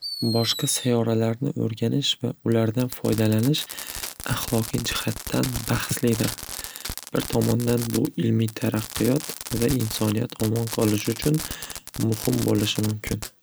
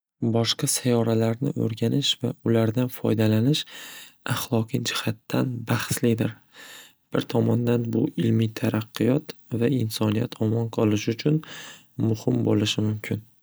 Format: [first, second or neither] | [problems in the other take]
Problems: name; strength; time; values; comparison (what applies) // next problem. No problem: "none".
second | background sound (Fireworks); 11 dB below the speech